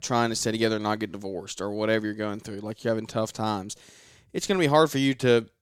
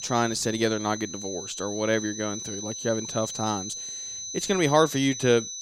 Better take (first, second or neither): first